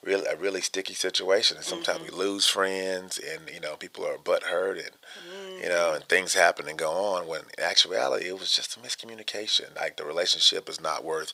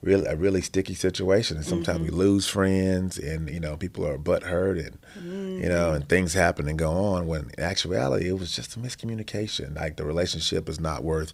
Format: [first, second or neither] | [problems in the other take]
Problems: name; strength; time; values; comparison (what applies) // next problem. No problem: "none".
second | thin; very; fading below 700 Hz